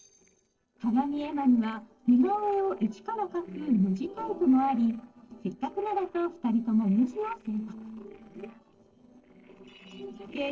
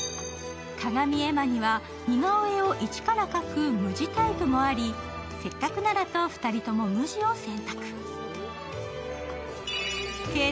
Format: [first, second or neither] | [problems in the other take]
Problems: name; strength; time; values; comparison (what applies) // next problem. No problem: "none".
second | noise reduction (neural separator model SepFormer DNS4)